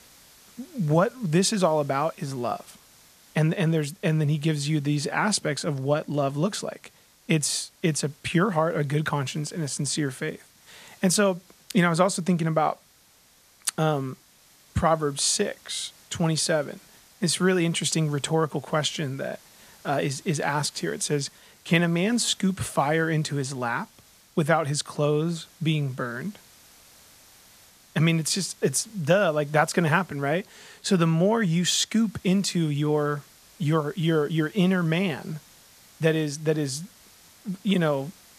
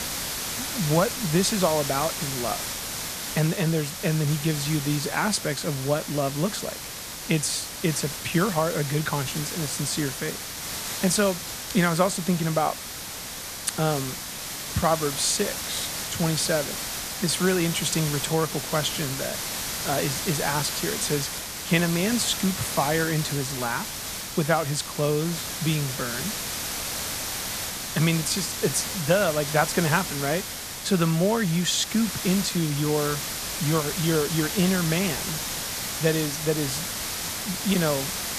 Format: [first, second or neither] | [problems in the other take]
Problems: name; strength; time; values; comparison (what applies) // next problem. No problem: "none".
first | hiss; loud; throughout; 4 dB below the speech; faint in the first